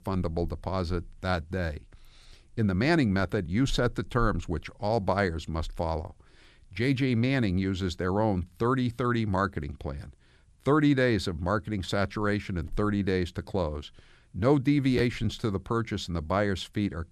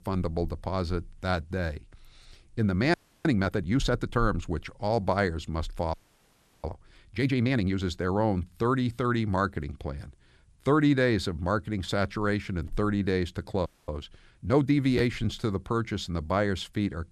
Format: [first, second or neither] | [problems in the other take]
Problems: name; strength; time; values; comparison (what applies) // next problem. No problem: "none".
first | audio freezing; at 3 s, at 6 s for 0.5 s and at 14 s